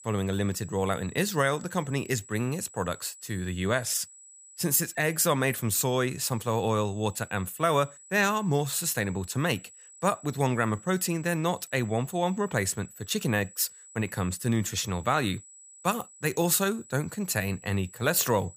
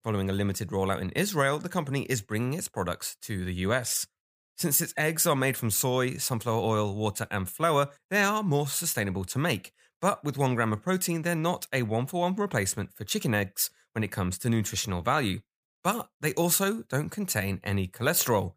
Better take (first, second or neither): second